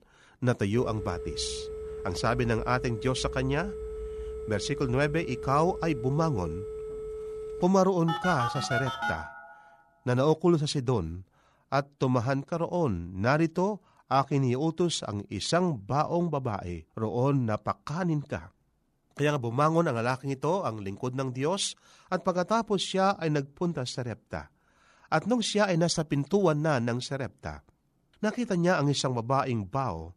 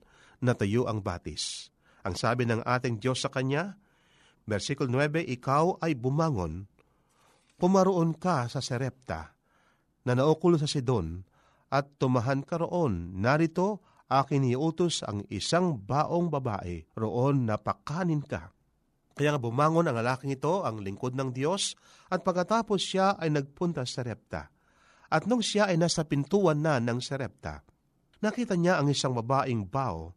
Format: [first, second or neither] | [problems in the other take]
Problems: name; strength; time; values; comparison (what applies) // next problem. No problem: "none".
second | phone ringing; noticeable; from 1 to 7.5 s and from 8 to 9.5 s; peak 2 dB below the speech